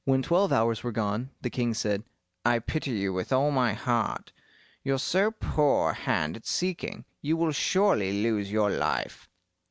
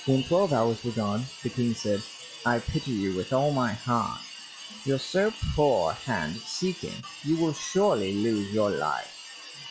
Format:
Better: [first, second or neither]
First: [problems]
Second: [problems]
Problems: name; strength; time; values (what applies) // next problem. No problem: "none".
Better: first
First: none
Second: noise reduction (classical method log-MMSE)